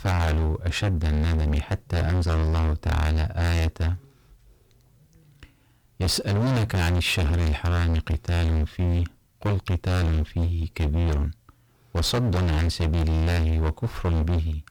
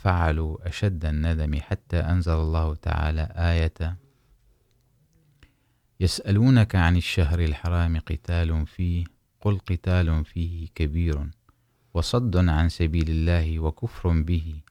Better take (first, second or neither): second